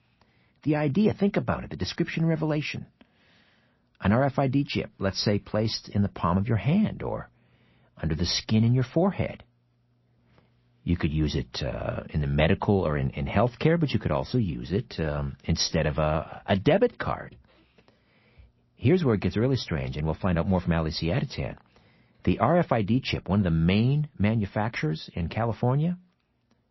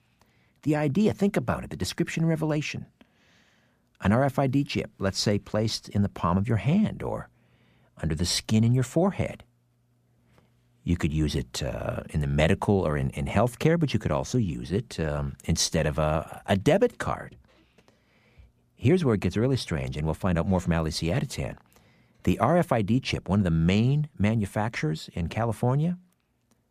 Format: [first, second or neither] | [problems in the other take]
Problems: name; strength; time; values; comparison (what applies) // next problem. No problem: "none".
second | garbled, watery; slightly; nothing above 5.5 kHz